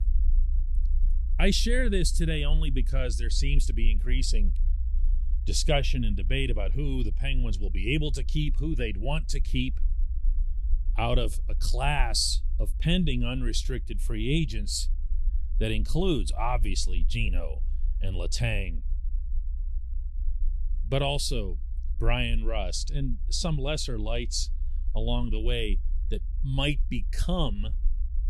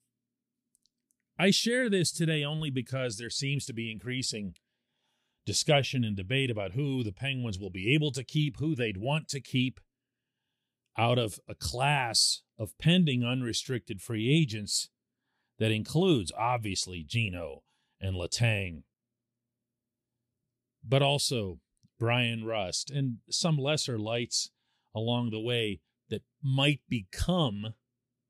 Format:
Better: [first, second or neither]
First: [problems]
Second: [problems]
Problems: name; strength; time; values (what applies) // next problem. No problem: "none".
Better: second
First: low rumble; faint; throughout; 25 dB below the speech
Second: none